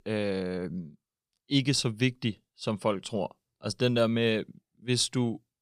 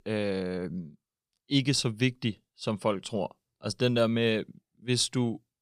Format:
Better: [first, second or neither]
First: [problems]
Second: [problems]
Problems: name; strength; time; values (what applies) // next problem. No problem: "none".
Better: neither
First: none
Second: none